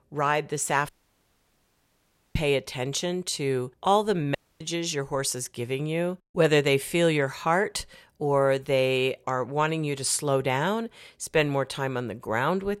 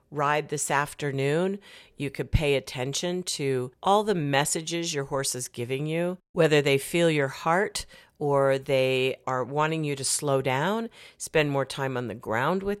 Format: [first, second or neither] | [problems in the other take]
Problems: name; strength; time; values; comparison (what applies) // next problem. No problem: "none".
second | audio cutting out; at 1 s for 1.5 s and at 4.5 s